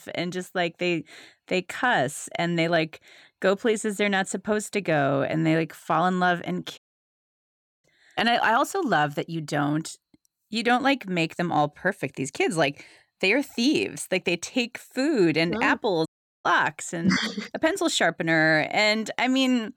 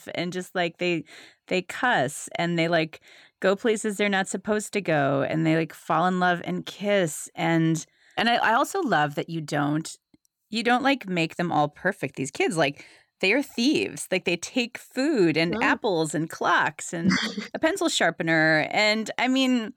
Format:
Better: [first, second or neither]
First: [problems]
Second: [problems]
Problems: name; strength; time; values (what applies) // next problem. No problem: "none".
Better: second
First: audio cutting out; at 7 s for 1 s and at 16 s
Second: none